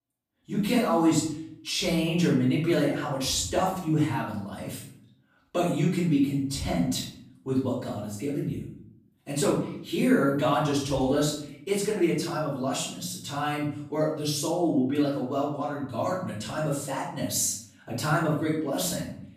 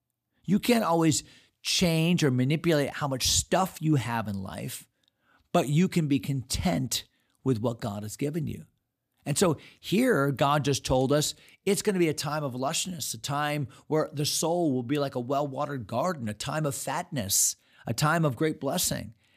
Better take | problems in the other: second | off-mic speech; far // room echo; noticeable; dies away in 0.5 s

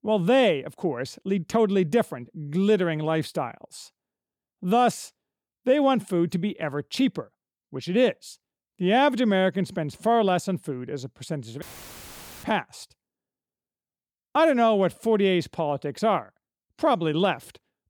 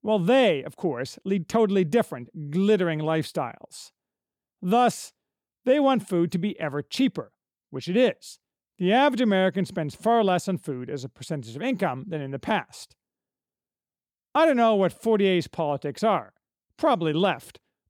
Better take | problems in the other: second | audio cutting out; filled with static; at 12 s for 1 s

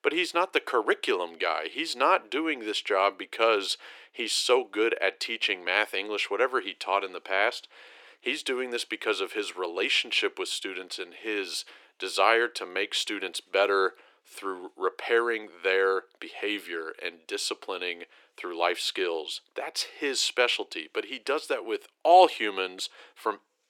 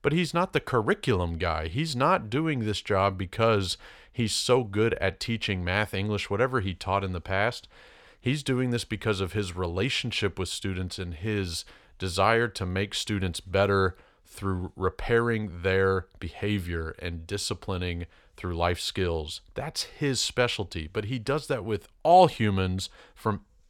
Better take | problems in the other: second | thin; very; fading below 300 Hz

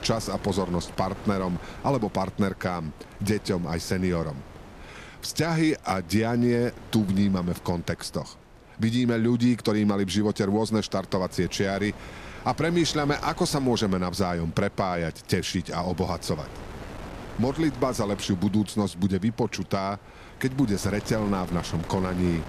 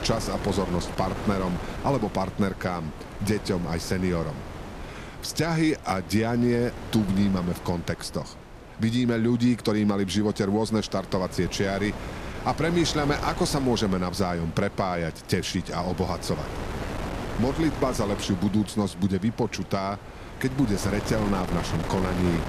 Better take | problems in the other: first | wind noise on the microphone; heavy; 9 dB below the speech; occasional gusts in the first

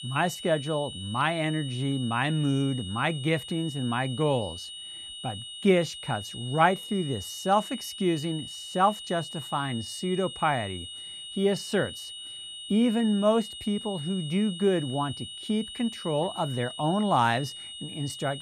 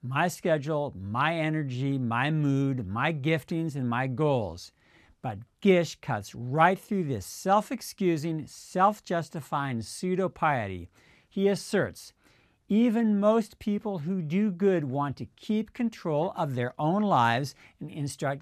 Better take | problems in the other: second | high-pitched whine; loud; throughout; 3 kHz, 10 dB below the speech

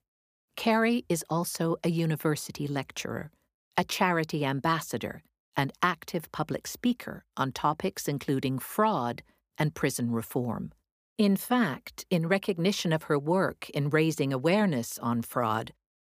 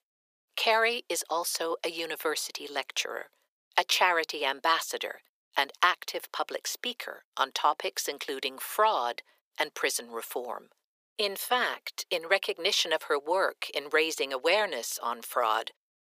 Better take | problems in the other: first | thin; very; fading below 450 Hz

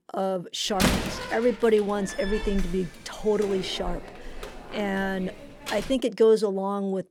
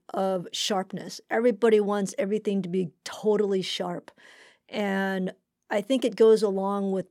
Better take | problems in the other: second | door banging; loud; from 1 to 6 s; peak 2 dB above the speech

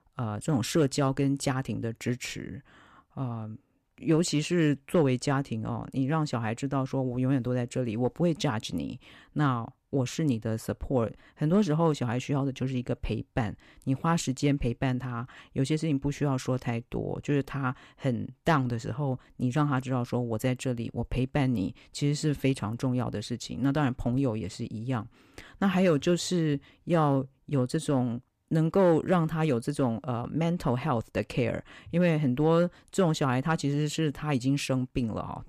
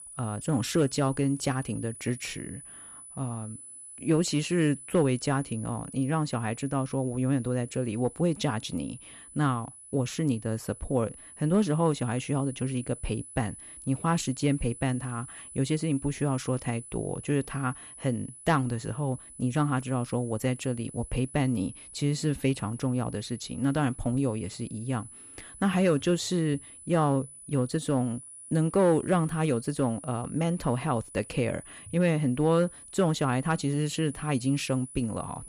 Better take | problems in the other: first | high-pitched whine; noticeable; throughout; 10 kHz, 15 dB below the speech

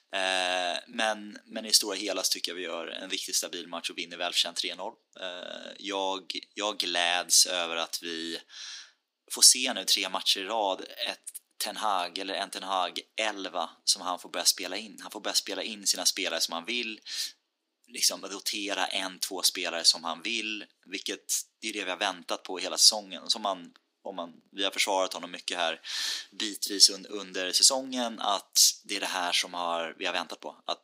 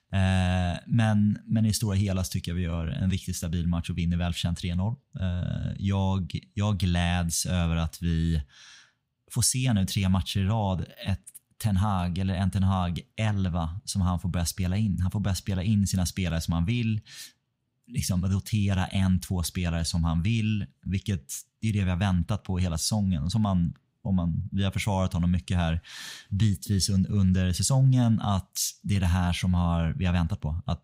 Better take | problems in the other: second | thin; very; fading below 300 Hz

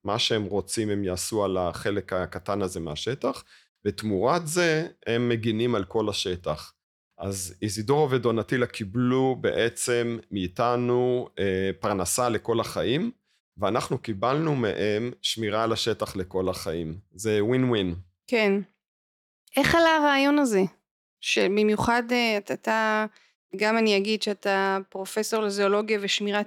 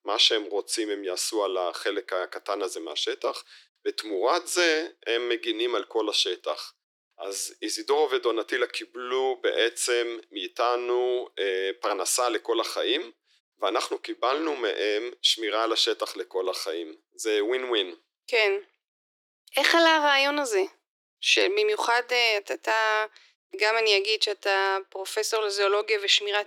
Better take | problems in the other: first | thin; very; fading below 300 Hz

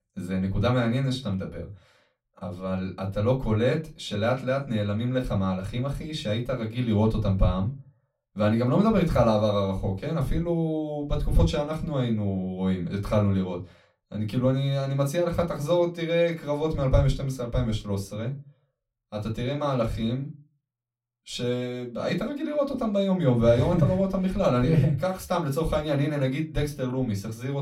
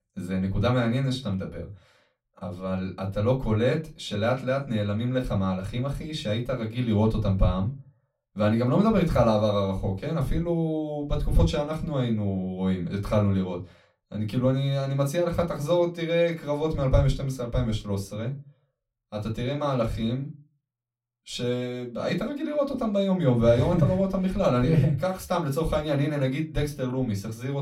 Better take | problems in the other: neither | off-mic speech; far; the same in both // room echo; very slight; dies away in 0.3 s; the same in both

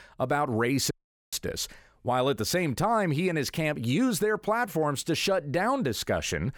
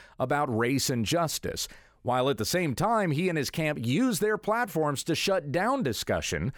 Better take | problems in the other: second | audio cutting out; at 1 s

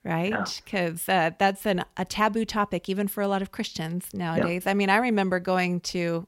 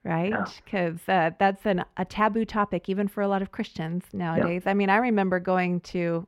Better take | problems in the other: first | muffled; slightly; fading above 3.5 kHz

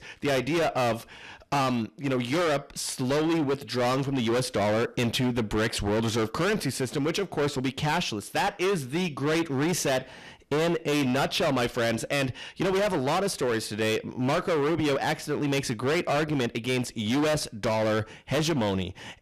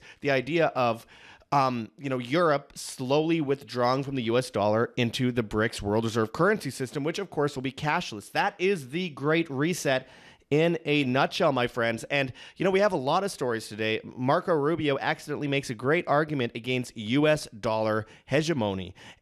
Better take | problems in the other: second | distortion; heavy; 24% of the sound clipped

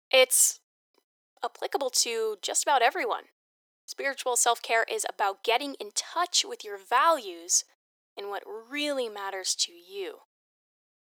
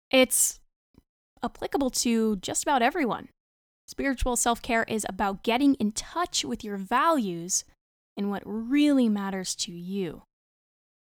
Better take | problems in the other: second | thin; very; fading below 400 Hz

